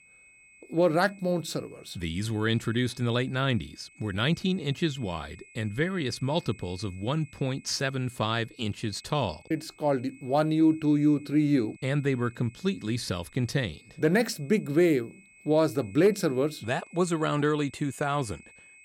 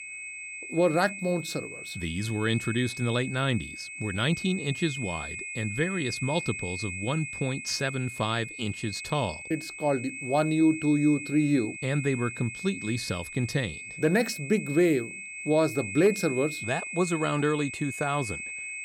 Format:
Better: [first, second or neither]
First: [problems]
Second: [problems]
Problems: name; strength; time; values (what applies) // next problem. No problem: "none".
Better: first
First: high-pitched whine; faint; throughout; 2.5 kHz, 25 dB below the speech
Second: high-pitched whine; loud; throughout; 2.5 kHz, 8 dB below the speech